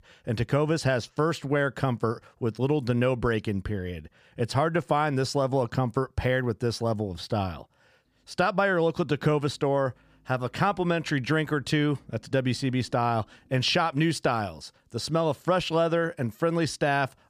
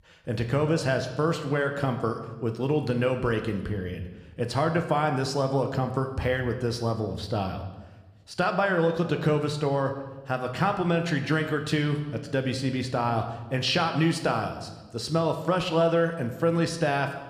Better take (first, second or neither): first